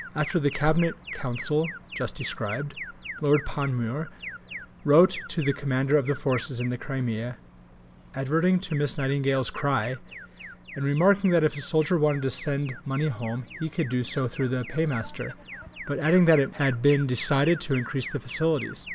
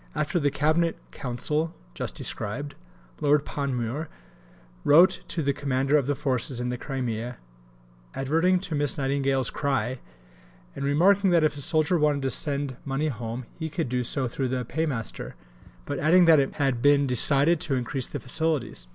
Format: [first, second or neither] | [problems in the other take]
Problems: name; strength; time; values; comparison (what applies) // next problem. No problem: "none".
second | background sound (Alarm); 15 dB below the speech